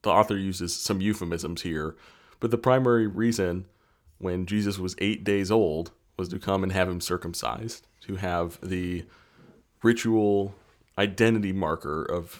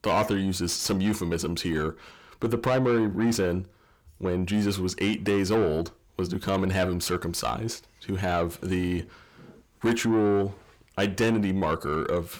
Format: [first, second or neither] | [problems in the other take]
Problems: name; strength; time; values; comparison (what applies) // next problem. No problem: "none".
first | distortion; heavy; 8 dB below the speech